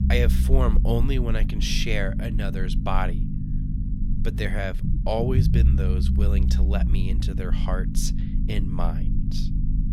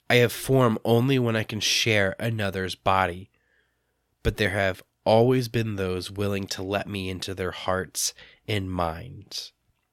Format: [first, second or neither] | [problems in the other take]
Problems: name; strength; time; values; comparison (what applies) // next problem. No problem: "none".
second | low rumble; loud; throughout; 7 dB below the speech